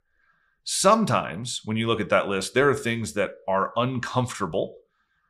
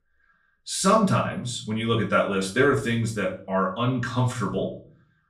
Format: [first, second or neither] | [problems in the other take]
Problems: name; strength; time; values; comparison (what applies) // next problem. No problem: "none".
first | off-mic speech; far // room echo; slight; dies away in 0.4 s